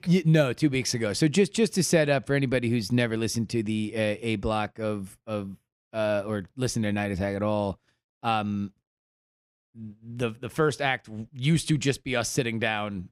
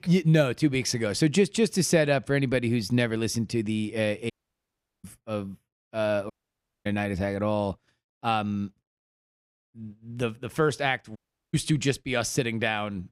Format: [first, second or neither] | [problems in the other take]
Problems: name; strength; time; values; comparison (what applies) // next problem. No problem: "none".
first | audio cutting out; at 4.5 s for 0.5 s, at 6.5 s for 0.5 s and at 11 s